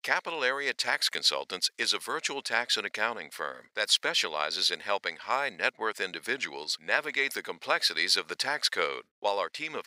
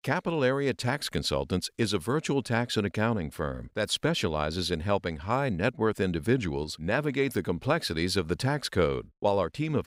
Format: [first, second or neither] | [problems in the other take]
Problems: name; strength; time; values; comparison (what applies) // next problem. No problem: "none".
second | thin; very; fading below 700 Hz